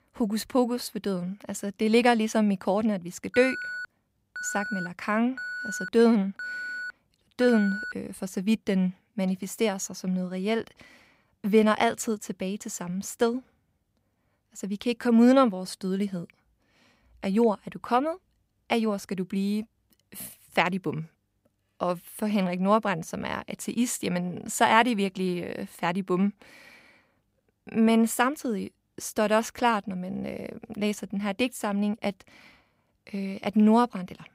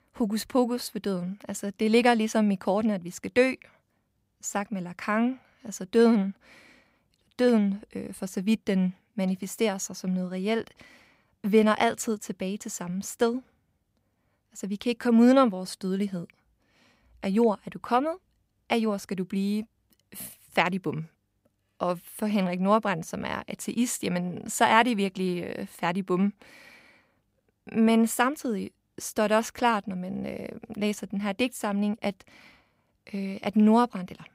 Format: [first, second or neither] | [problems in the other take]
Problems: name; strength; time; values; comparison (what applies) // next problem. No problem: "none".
second | alarm; noticeable; from 3.5 to 8 s; peak 7 dB below the speech